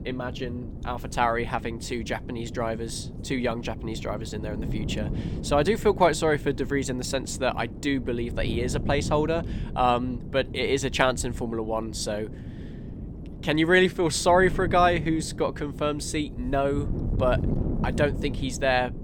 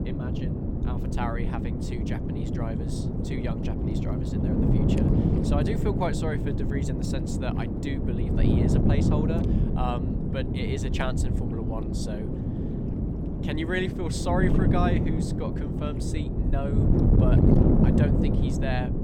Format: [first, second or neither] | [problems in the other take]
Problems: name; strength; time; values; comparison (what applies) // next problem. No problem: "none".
first | wind noise on the microphone; heavy; 1 dB above the speech; occasional gusts in the first